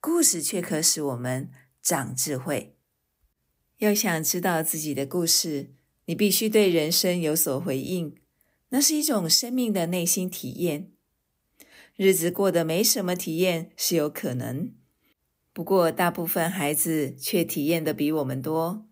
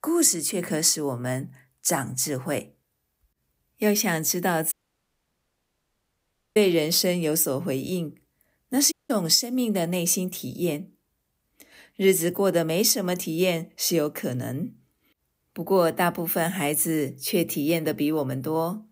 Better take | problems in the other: first | audio cutting out; at 4.5 s for 2 s and at 9 s

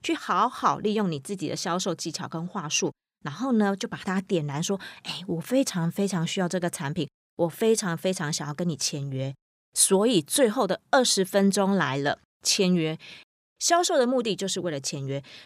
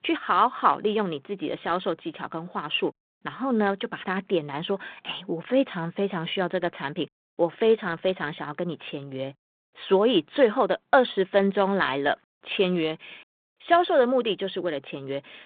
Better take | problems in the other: first | phone-call audio

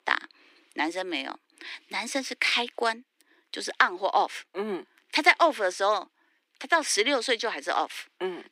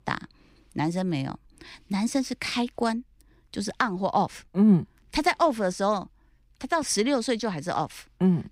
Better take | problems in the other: second | thin; very; fading below 300 Hz

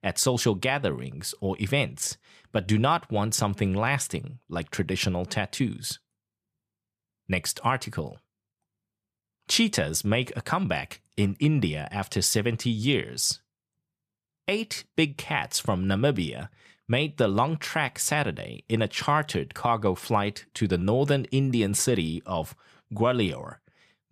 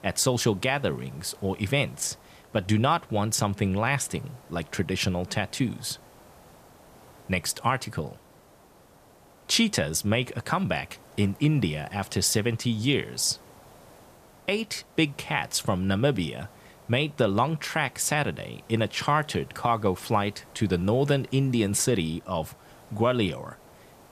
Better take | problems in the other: first | hiss; faint; throughout; 25 dB below the speech

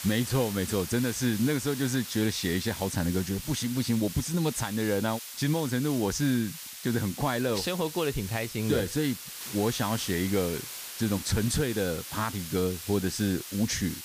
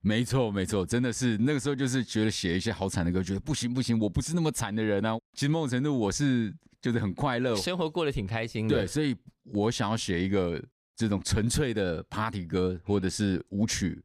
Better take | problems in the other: second | hiss; loud; throughout; 9 dB below the speech

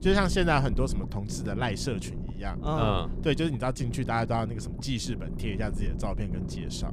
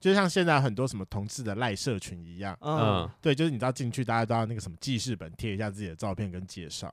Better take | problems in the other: second | low rumble; noticeable; throughout; 15 dB below the speech

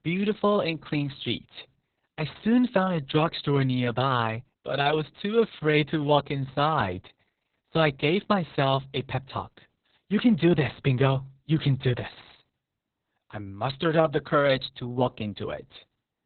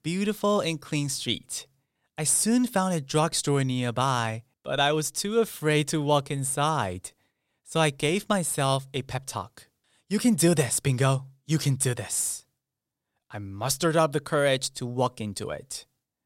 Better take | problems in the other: second | garbled, watery; badly; nothing above 4 kHz

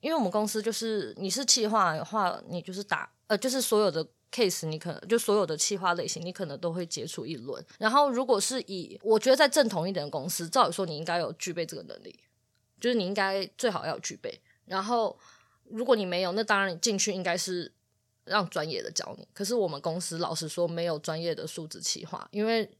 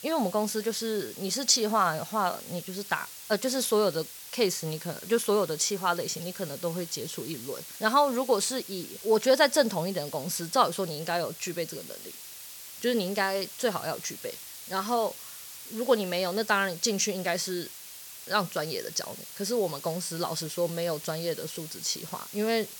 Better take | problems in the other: first | hiss; noticeable; throughout; 10 dB below the speech

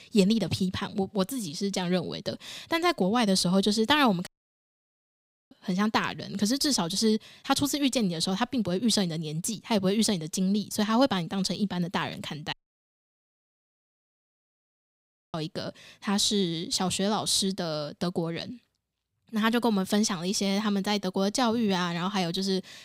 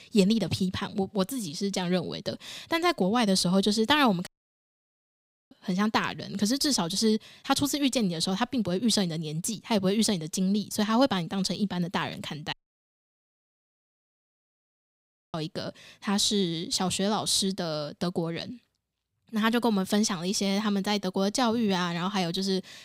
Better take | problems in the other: neither | audio cutting out; at 4.5 s for 1 s and at 13 s for 3 s; the same in both

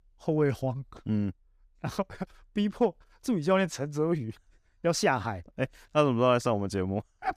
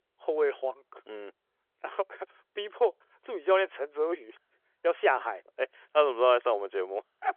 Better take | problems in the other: first | phone-call audio; nothing above 3.5 kHz

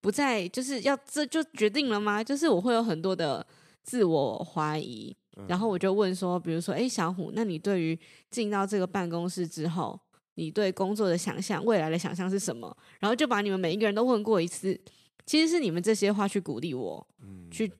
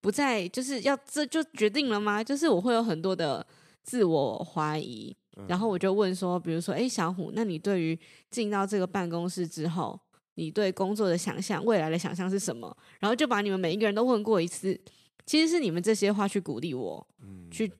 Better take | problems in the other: neither | none

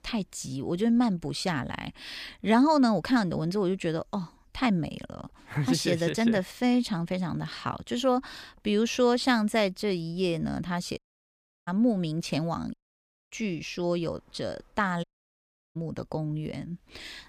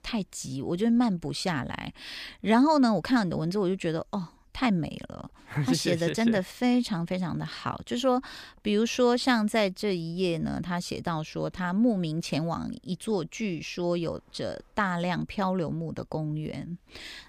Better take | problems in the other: second | audio cutting out; at 11 s for 0.5 s, at 13 s for 0.5 s and at 15 s for 0.5 s

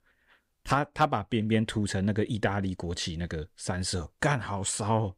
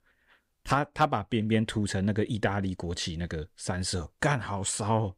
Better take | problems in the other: neither | none

